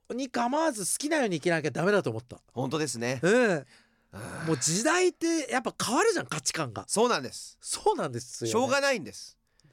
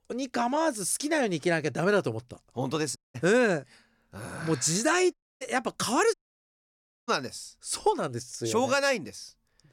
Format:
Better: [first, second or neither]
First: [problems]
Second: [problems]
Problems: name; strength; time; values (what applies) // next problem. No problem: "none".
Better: first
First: none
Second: audio cutting out; at 3 s, at 5 s and at 6 s for 1 s